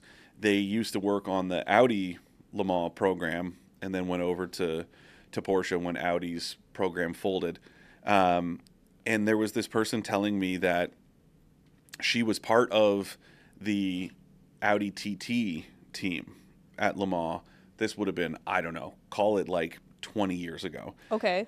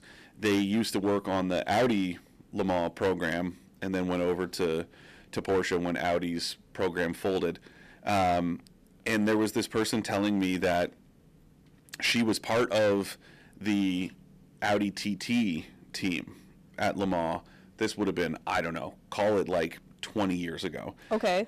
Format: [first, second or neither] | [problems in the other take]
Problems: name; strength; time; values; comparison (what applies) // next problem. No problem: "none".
first | distortion; heavy; 6% of the sound clipped